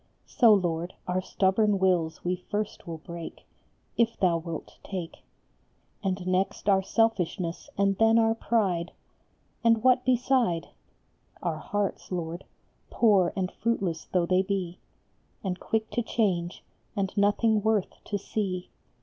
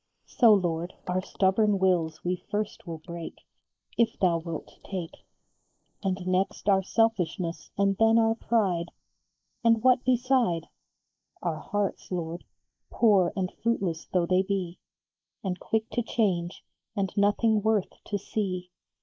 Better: first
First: none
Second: noise reduction (neural mask model Resemble Enhance denoiser)

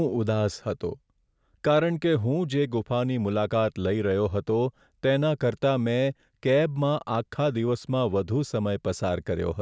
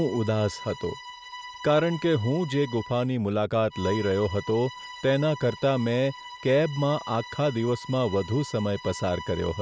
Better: first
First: none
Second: background sound (Bowed string instrument); 15 dB below the speech

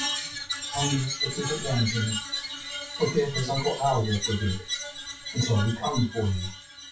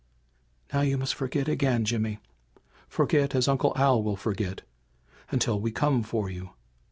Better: second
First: noise reduction (classical method WPE with log-MMSE)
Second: none

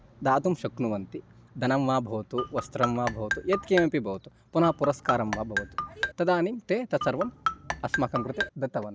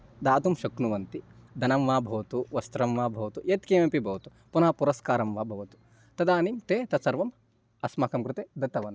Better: second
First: background sound (Marimba, xylophone); 4 dB below the speech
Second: none

